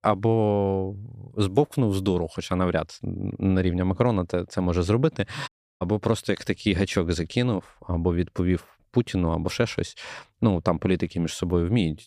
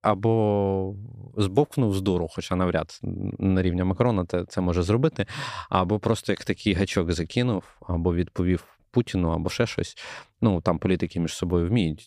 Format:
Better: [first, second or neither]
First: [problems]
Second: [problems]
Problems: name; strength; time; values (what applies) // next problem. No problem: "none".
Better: second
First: audio cutting out; at 5.5 s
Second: none